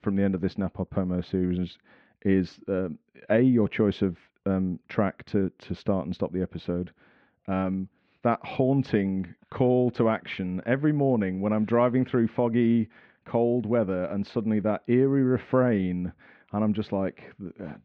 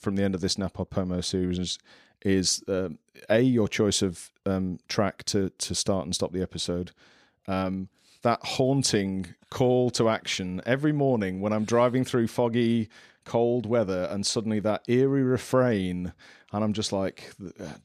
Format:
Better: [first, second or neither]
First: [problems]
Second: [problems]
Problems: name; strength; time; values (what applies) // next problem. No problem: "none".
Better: second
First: muffled; very; fading above 2.5 kHz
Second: none